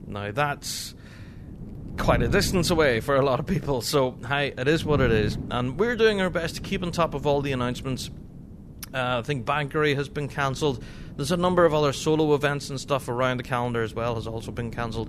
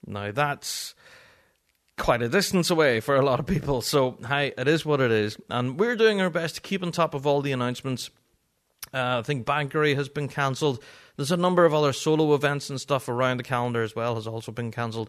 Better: second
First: wind noise on the microphone; occasional gusts; 20 dB below the speech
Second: none

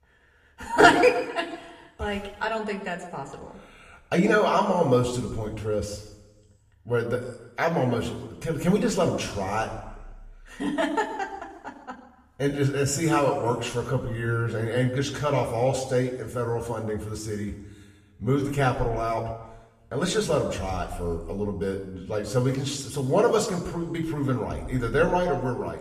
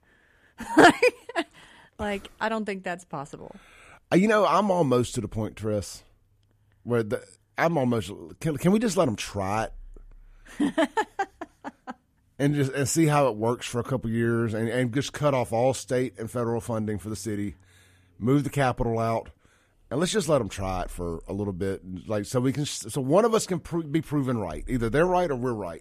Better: second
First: room echo; slight; dies away in 1 s // off-mic speech; somewhat distant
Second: none

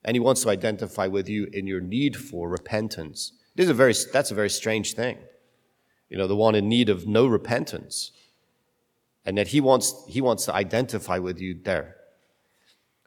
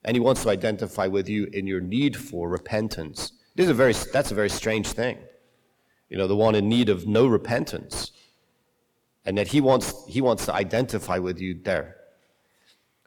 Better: first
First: none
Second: distortion; slight; 8 dB below the speech

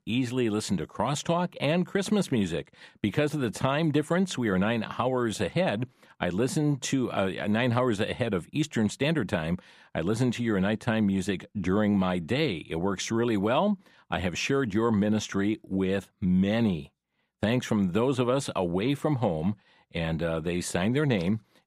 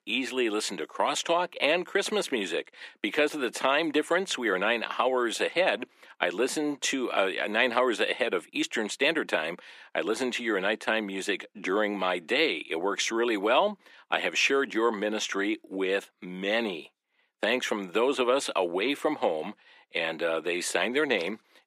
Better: first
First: none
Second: thin; somewhat; fading below 300 Hz

